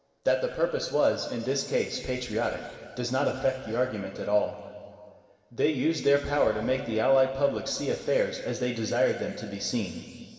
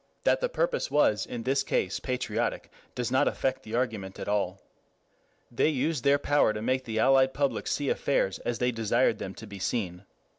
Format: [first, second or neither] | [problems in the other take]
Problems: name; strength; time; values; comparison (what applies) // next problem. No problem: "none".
second | room echo; dies away in 2.3 s